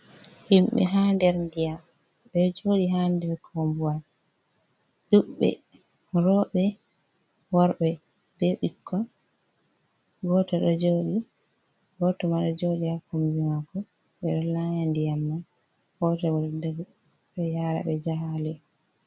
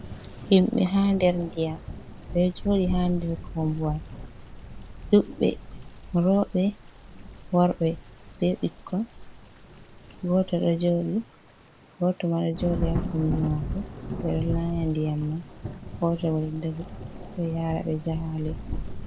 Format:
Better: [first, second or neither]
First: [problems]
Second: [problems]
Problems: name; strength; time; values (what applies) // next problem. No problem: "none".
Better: first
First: none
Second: background sound (Thunder / Rain); 9 dB below the speech